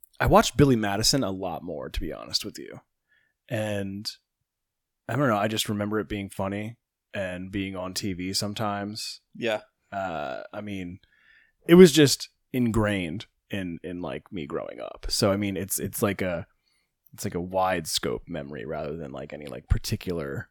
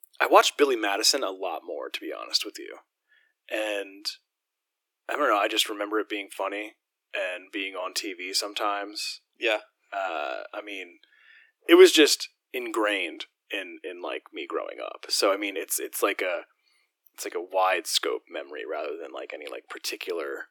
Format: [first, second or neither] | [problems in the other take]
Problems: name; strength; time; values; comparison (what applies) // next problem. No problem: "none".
first | thin; very; fading below 300 Hz